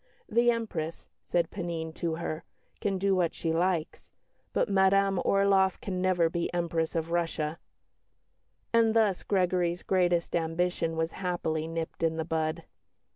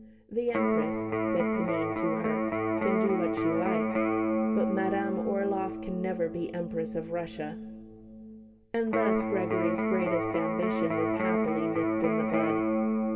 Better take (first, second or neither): first